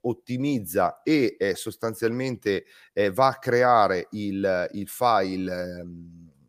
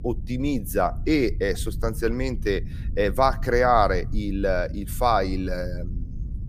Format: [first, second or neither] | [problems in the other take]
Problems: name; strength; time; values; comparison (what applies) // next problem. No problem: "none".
first | low rumble; faint; throughout; 25 dB below the speech